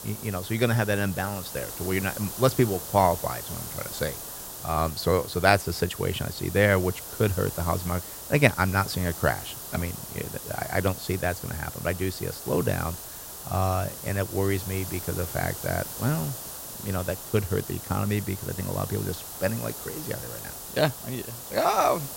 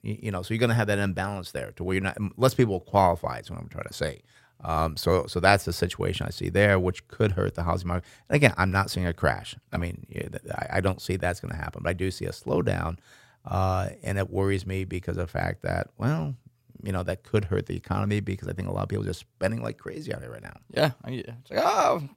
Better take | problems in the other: second | hiss; loud; throughout; 9 dB below the speech

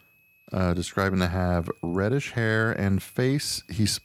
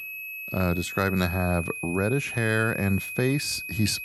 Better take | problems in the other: first | high-pitched whine; loud; throughout; 2.5 kHz, 6 dB below the speech; faint in the first

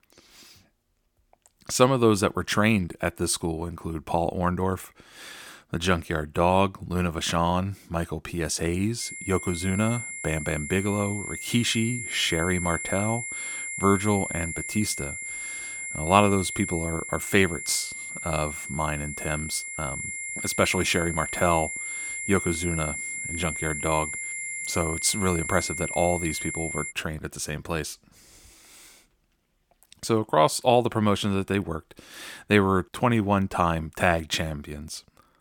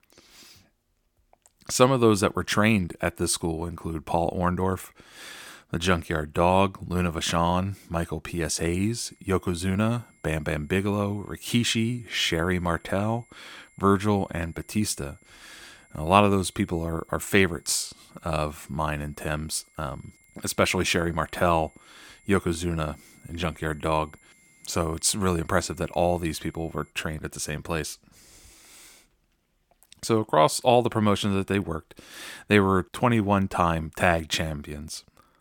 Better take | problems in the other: second | high-pitched whine; loud; from 9 to 27 s; 2 kHz, 6 dB below the speech; faint in the second

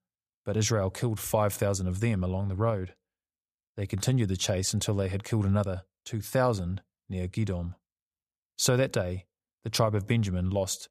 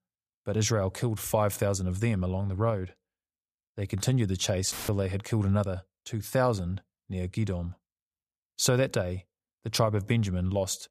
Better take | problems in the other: first | audio cutting out; filled with static; at 4.5 s

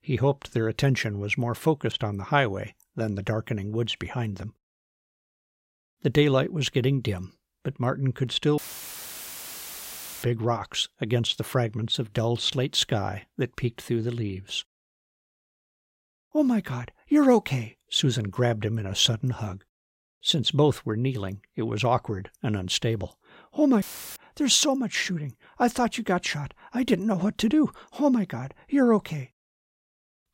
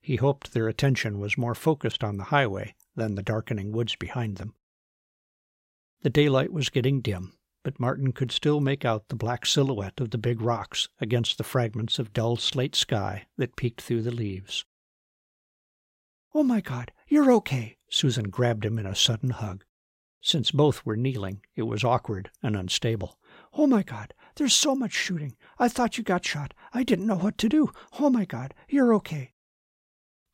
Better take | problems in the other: second | audio cutting out; filled with static; at 8.5 s for 1.5 s and at 24 s

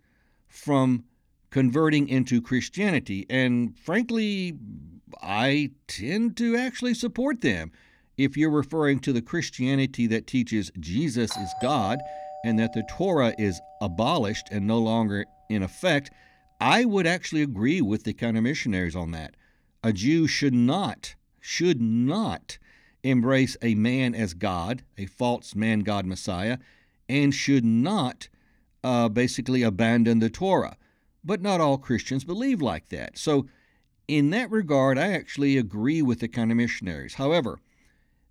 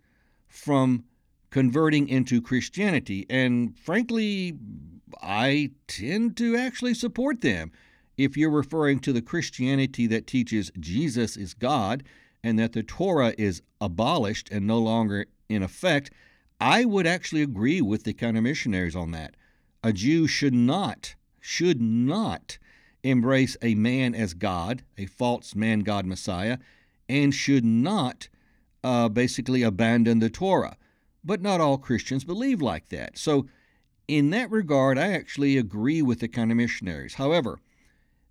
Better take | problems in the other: second | doorbell; noticeable; from 11 to 14 s; peak 9 dB below the speech

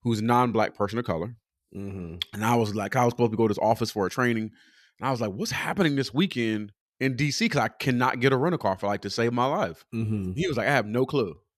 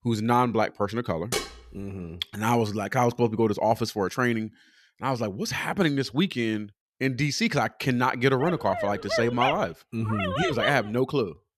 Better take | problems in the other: first | clattering dishes; noticeable; at 1.5 s; peak 4 dB below the speech // dog barking; noticeable; from 8.5 to 11 s; peak level with the speech

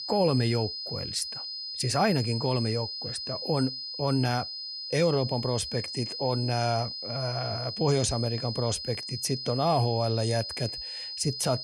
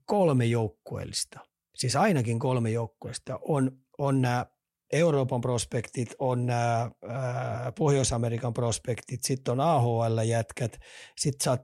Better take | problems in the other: second | high-pitched whine; loud; throughout; 5 kHz, 5 dB below the speech

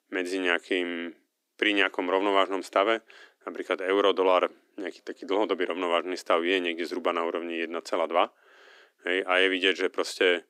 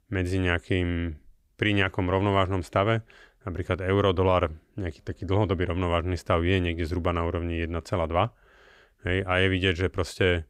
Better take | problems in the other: second | thin; somewhat; fading below 300 Hz

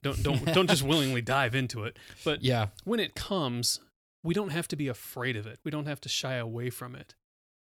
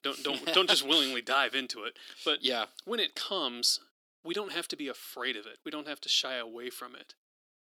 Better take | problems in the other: first | thin; somewhat; fading below 250 Hz

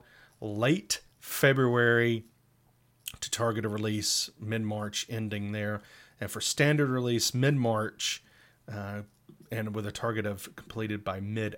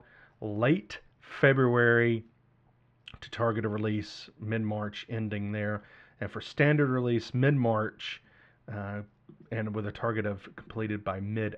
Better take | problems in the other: first | muffled; very; fading above 2.5 kHz

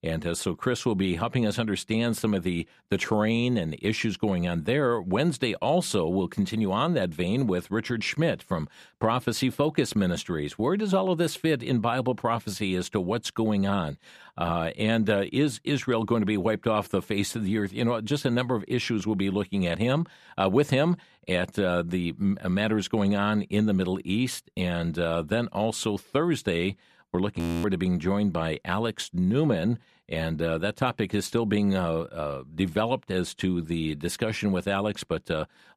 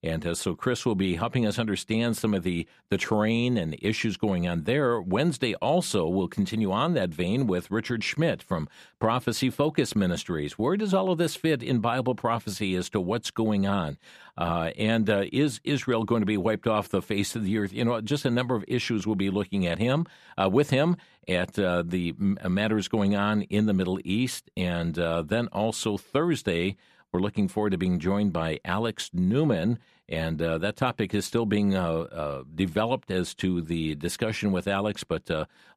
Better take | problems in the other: second | audio freezing; at 27 s

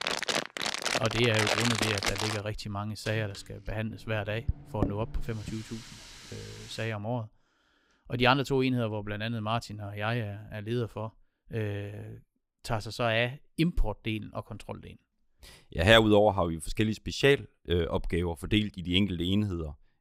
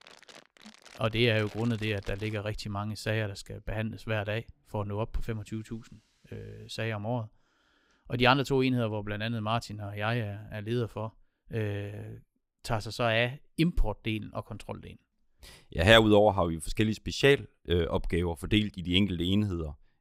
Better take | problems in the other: second | household noises; loud; until 7 s; 1 dB below the speech; faint in the second

